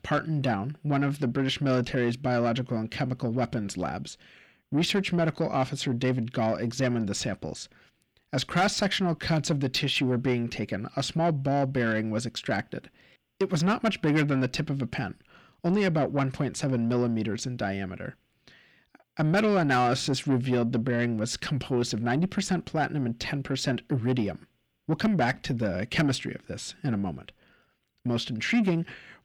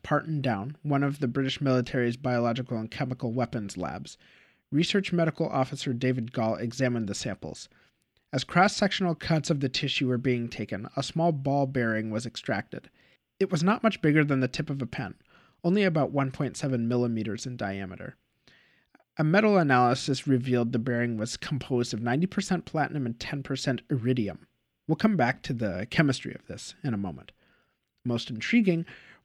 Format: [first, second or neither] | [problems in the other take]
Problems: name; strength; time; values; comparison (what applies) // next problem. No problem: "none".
second | distortion; slight; 10 dB below the speech